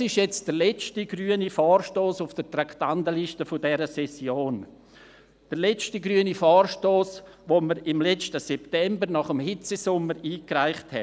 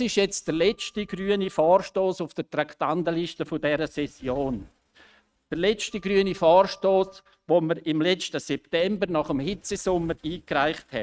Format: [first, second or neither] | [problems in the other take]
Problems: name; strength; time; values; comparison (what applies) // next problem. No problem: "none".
first | noise reduction (neural mask model RNNoise)